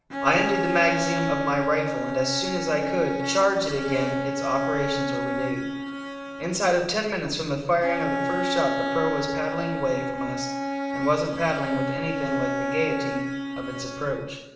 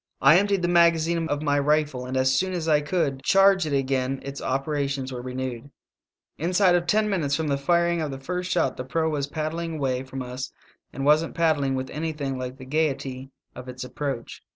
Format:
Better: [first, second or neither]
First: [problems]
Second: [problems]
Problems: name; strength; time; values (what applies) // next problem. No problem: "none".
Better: second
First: background sound (Bowed string instrument); 3 dB below the speech // room echo; dies away in 0.9 s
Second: none